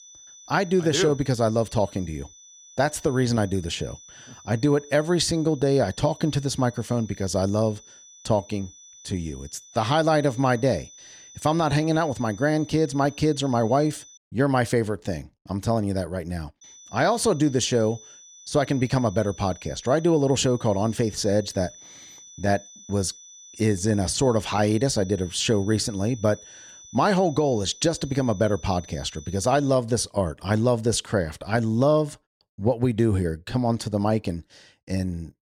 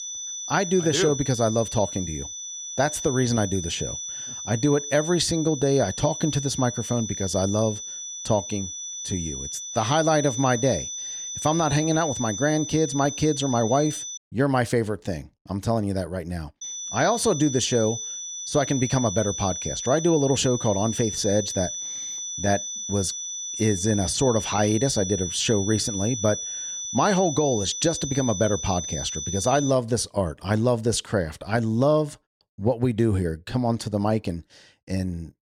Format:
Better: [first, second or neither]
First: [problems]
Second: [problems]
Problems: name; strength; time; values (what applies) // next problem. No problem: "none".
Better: first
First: high-pitched whine; faint; until 14 s and from 17 to 30 s; 6 kHz, 20 dB below the speech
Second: high-pitched whine; loud; until 14 s and from 17 to 30 s; 6 kHz, 6 dB below the speech